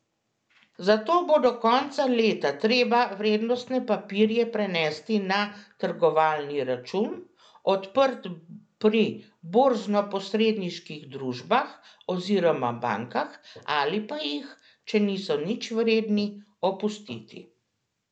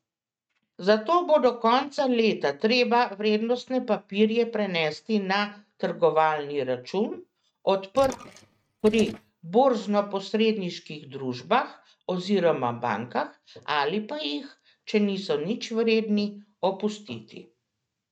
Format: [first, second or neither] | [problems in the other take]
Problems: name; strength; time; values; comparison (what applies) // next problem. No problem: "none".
first | noise reduction (neural mask model RNNoise)